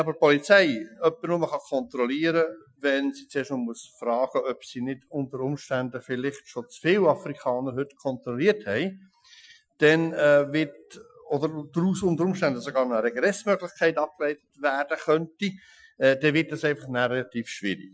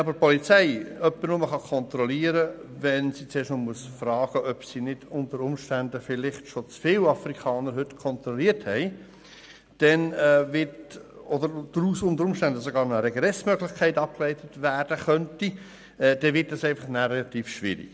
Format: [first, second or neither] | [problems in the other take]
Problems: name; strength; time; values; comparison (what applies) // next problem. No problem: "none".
second | noise reduction (classical method Wiener filter)